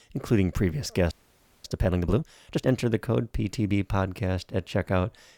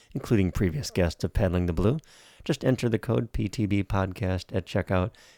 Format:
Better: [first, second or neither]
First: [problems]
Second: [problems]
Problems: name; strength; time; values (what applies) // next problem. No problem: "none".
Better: second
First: audio freezing; at 1 s for 0.5 s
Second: none